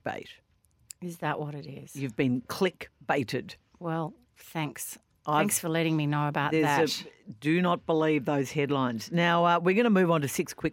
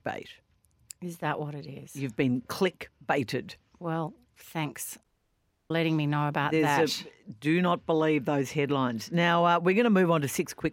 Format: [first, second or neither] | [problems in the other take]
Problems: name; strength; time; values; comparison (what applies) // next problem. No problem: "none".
first | audio cutting out; at 5 s for 0.5 s